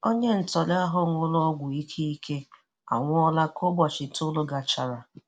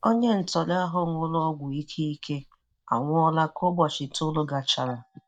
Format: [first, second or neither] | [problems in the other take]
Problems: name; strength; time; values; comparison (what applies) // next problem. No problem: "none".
first | noise reduction (neural mask model DeepFilterNet 3)